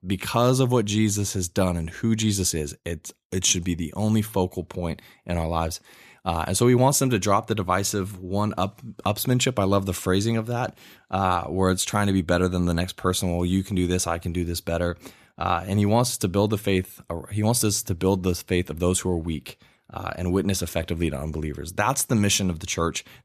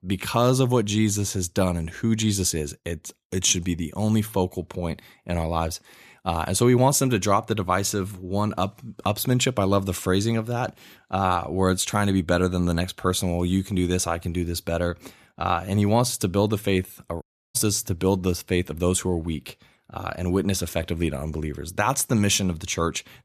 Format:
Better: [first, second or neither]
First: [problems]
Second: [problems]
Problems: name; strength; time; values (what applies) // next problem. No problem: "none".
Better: first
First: none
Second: audio cutting out; at 17 s